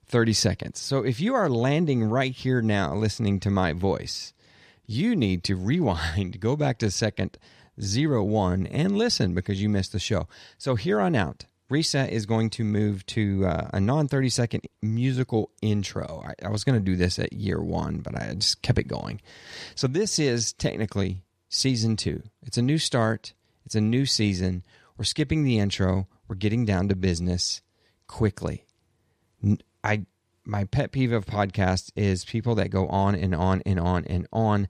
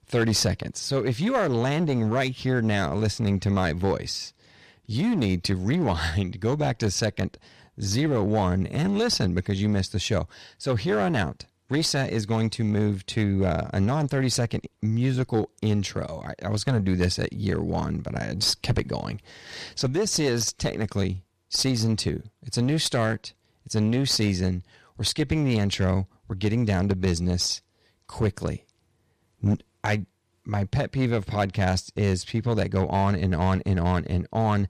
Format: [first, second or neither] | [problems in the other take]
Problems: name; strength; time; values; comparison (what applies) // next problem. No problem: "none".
first | distortion; slight; 8% of the sound clipped